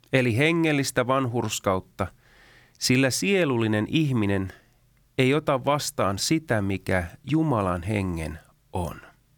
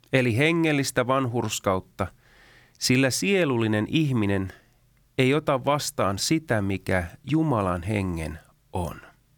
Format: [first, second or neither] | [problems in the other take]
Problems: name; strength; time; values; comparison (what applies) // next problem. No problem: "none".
neither | none